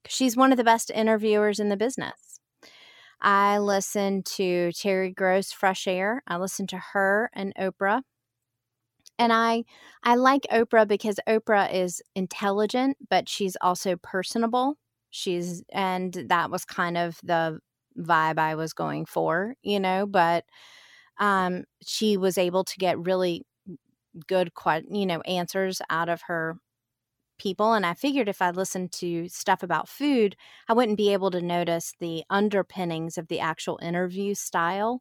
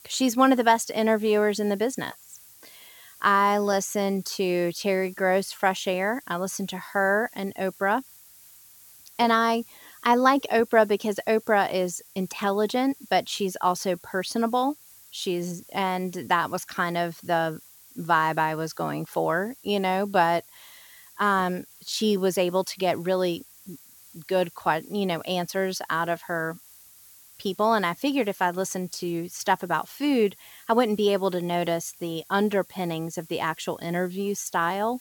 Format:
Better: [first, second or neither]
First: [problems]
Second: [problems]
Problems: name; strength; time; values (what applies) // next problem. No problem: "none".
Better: first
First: none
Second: hiss; faint; throughout; 25 dB below the speech